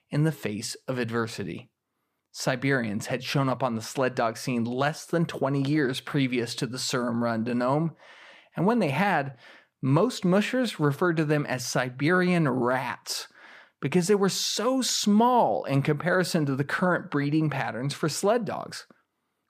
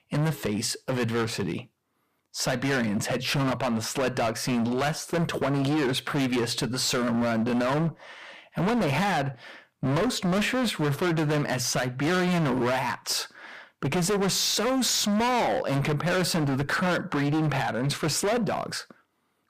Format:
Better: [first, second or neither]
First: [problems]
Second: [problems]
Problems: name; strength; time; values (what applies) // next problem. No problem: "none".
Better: first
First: none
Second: distortion; heavy; 27% of the sound clipped